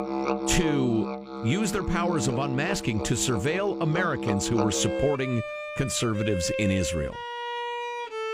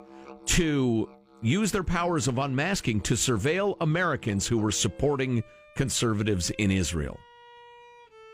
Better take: second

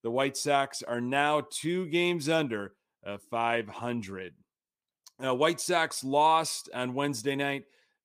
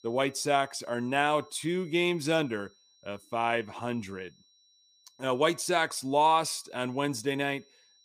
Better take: first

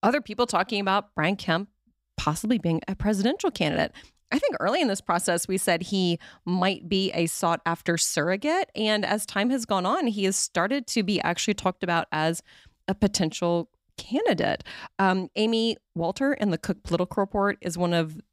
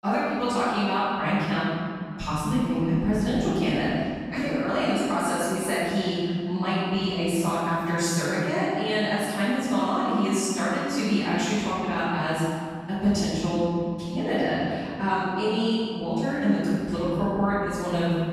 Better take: first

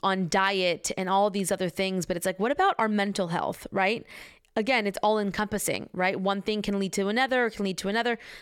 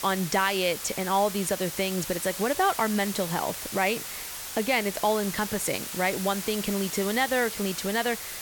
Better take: first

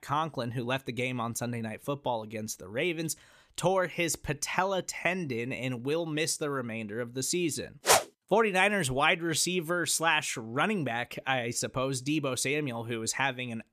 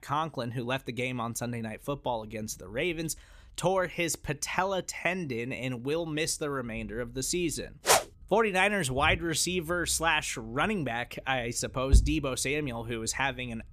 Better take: first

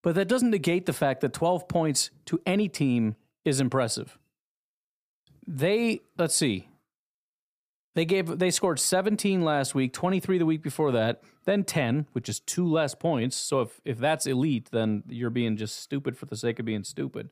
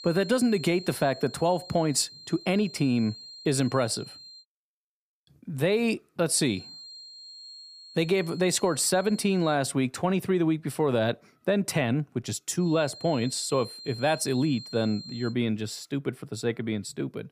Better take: first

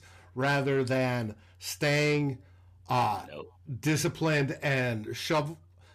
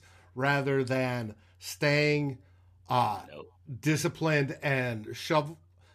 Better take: second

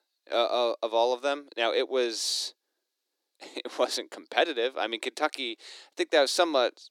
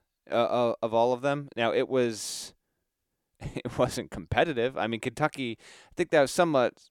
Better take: second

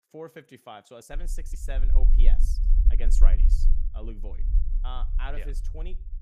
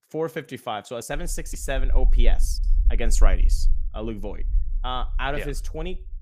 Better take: second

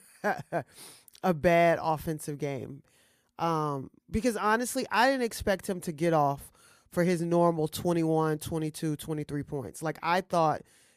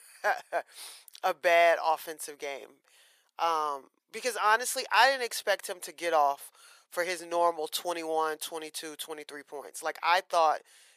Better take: first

